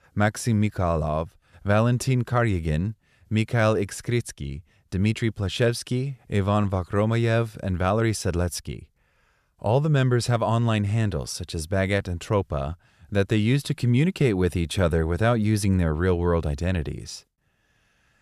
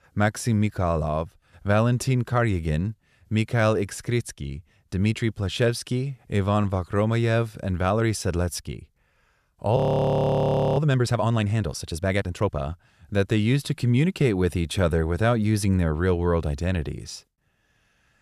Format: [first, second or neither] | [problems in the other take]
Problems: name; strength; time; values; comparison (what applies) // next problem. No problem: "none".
first | audio freezing; at 10 s for 1 s